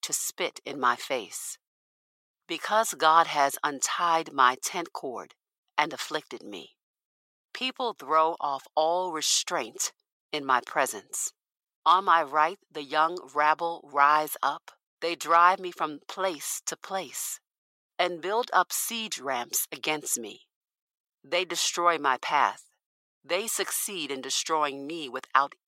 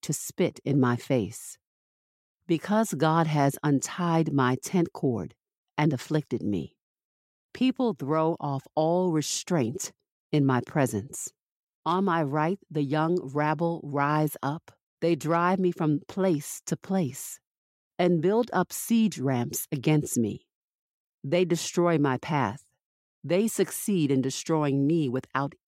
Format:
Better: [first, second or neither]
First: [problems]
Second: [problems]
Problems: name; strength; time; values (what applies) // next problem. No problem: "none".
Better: second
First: thin; very; fading below 850 Hz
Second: none